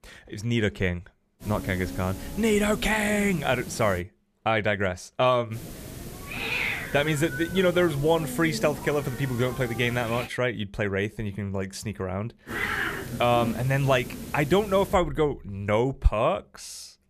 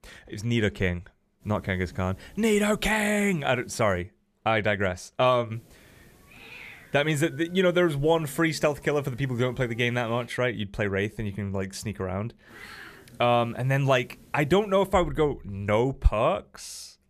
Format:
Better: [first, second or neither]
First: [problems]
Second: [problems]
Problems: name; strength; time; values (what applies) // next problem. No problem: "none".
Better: second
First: hiss; loud; from 1.5 to 4 s, from 5.5 to 10 s and from 12 to 15 s; 8 dB below the speech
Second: hiss; faint; from 1.5 to 4 s, from 5.5 to 10 s and from 12 to 15 s; 25 dB below the speech